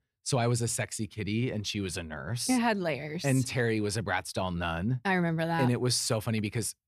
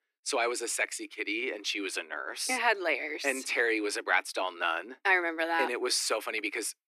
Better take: first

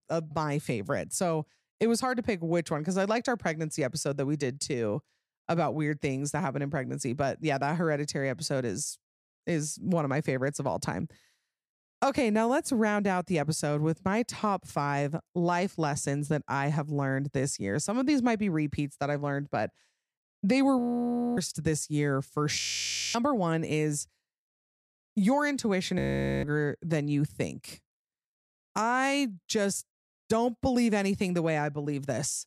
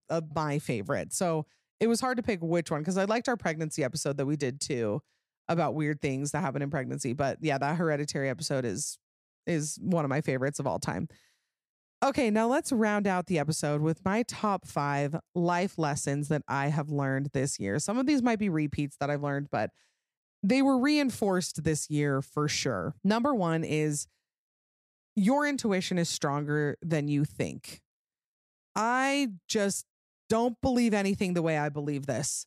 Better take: second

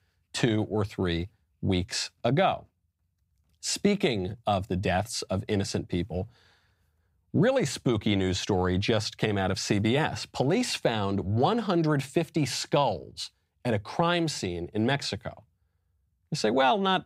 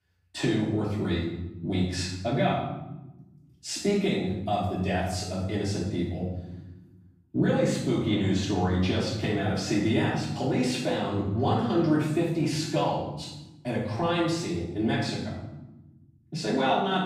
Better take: first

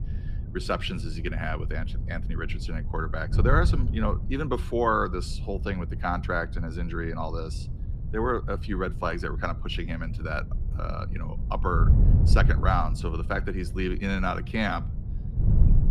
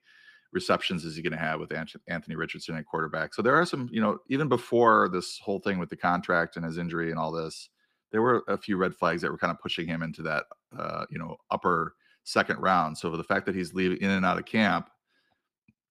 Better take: second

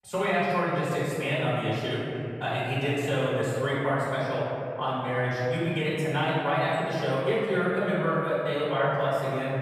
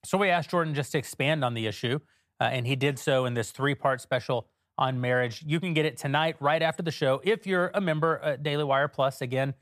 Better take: second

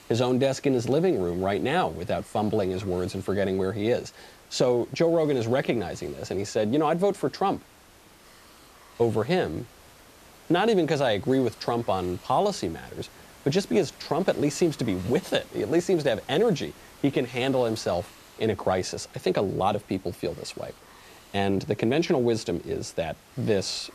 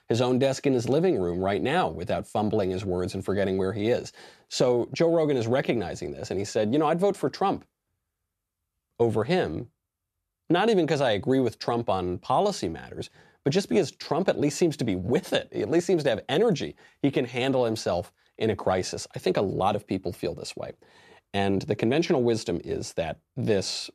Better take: second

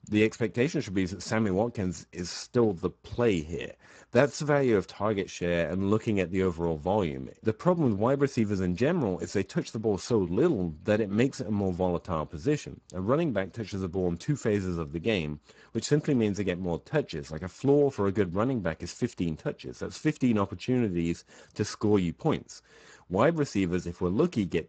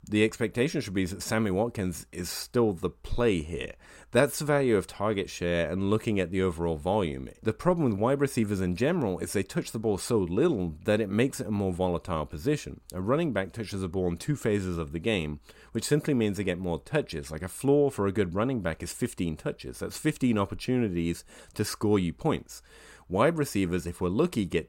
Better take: second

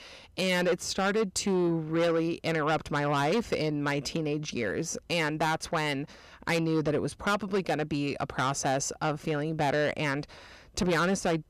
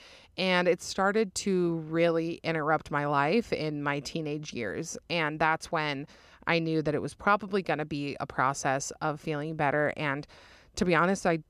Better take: second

